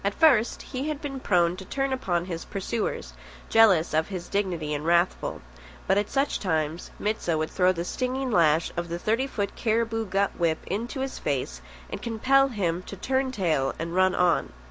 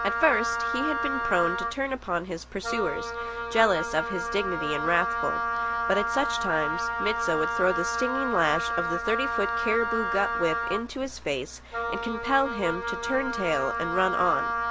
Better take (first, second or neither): first